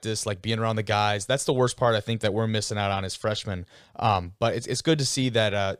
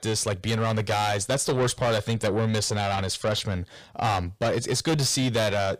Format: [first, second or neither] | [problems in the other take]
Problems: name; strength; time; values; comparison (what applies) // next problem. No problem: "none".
first | distortion; heavy; 7 dB below the speech